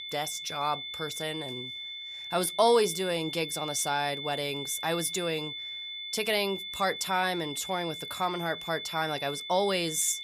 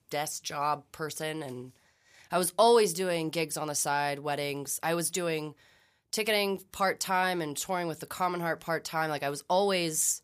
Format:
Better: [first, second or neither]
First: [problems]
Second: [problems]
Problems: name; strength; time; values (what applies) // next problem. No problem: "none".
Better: second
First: high-pitched whine; loud; throughout; 3.5 kHz, 6 dB below the speech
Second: none